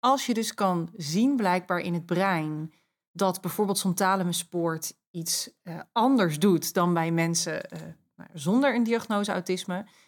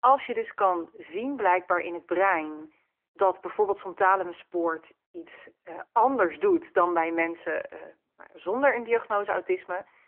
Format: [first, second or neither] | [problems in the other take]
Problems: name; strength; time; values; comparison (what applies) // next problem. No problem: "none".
first | phone-call audio